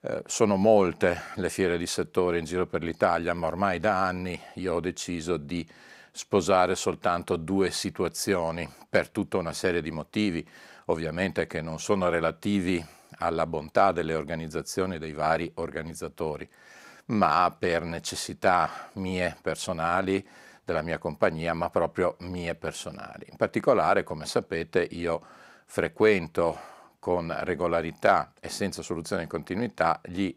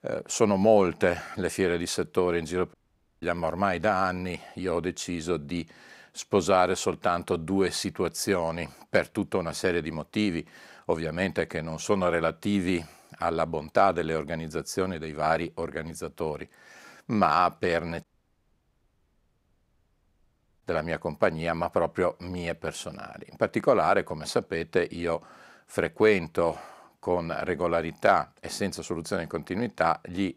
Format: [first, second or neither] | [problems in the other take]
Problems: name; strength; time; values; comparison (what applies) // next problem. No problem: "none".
first | audio cutting out; at 2.5 s and at 18 s for 2.5 s